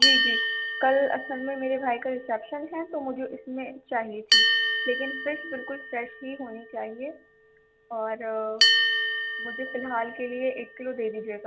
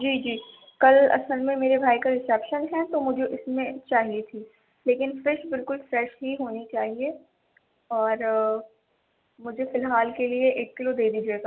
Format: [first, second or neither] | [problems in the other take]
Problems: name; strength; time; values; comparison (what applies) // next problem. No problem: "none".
second | background sound (Bell); 3 dB above the speech